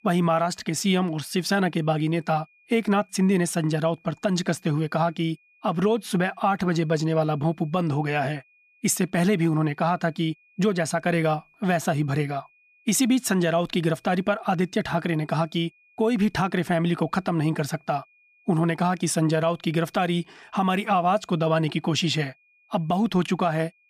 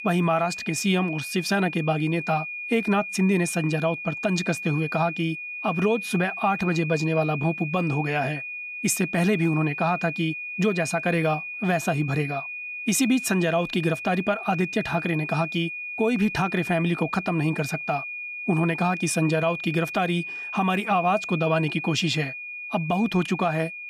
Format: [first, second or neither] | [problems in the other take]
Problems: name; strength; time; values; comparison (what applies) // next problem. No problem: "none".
first | high-pitched whine; loud; throughout; 2.5 kHz, 7 dB below the speech; faint in the first